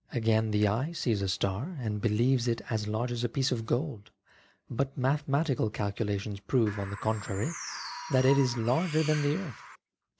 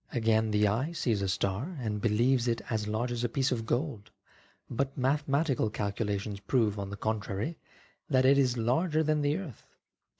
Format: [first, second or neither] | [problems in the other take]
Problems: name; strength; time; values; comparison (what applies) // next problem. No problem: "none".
second | background sound (Bird); 12 dB below the speech